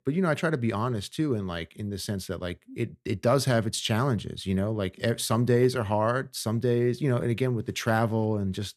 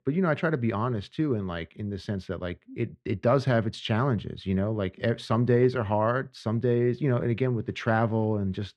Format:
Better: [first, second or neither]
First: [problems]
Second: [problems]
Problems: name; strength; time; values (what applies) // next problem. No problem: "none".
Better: first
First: none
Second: muffled; slightly; fading above 3 kHz